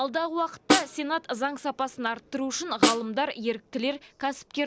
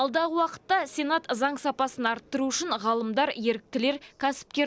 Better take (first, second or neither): second